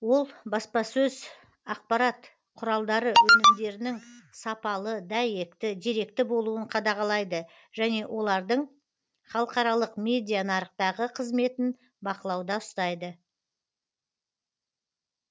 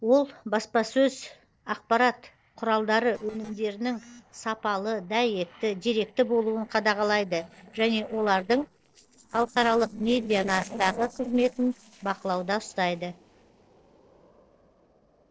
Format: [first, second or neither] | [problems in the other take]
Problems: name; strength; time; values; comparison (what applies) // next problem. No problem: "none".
first | noise reduction (neural separator model SepFormer DNS4)